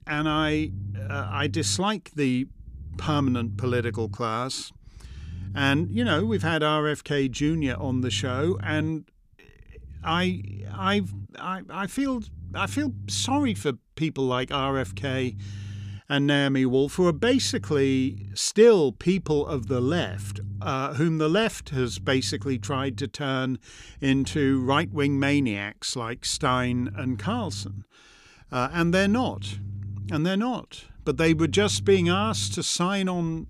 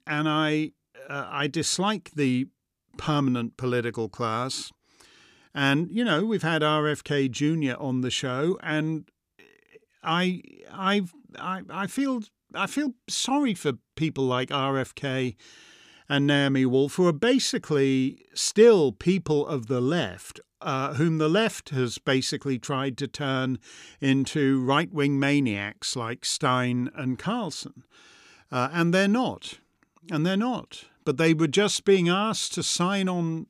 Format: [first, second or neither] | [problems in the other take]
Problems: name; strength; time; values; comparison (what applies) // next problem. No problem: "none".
second | low rumble; faint; throughout; 25 dB below the speech